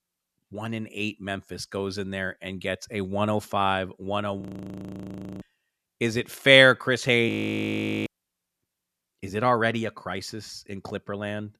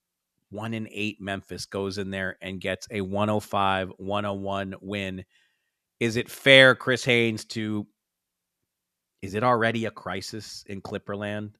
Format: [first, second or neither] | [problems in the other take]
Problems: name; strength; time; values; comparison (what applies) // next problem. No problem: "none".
second | audio freezing; at 4.5 s for 1 s and at 7.5 s for 1 s